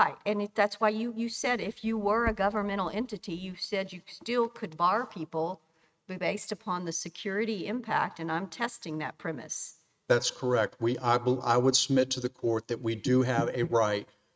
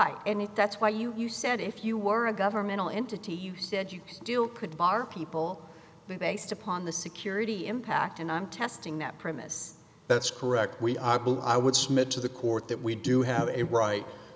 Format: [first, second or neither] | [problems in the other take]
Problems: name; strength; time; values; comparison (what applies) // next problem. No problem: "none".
second | noise reduction (neural mask model RNNoise)